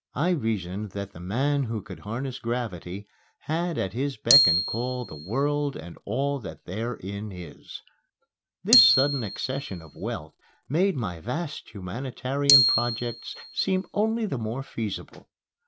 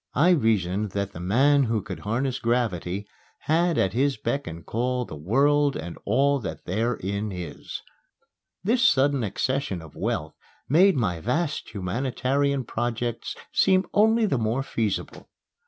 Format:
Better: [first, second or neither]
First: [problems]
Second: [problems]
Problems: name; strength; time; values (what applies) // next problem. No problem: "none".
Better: second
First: background sound (Glockenspiel); as loud as the speech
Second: none